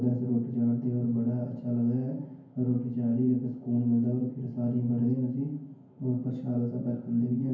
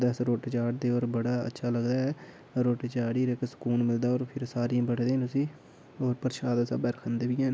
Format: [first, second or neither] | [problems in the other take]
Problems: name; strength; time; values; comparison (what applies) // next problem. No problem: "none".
second | room echo; dies away in 0.9 s